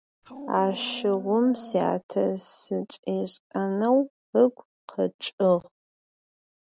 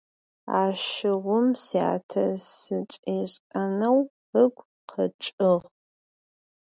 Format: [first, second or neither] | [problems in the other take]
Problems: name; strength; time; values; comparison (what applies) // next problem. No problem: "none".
second | background sound (Dog); 14 dB below the speech